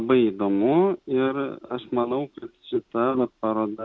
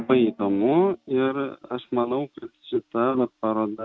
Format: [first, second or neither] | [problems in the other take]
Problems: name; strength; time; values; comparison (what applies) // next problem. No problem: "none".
first | noise reduction (neural mask model RNNoise)